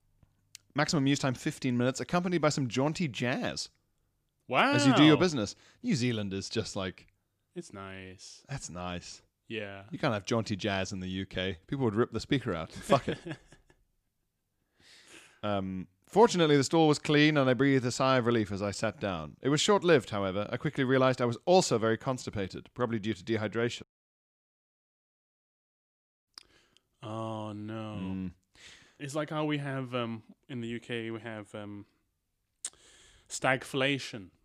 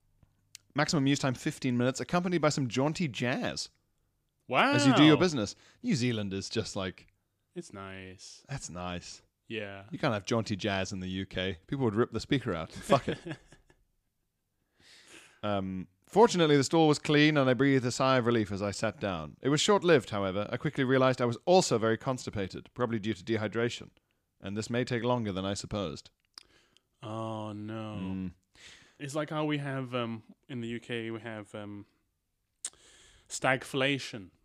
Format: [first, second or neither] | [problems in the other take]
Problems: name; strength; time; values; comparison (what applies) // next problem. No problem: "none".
second | audio cutting out; at 24 s for 2.5 s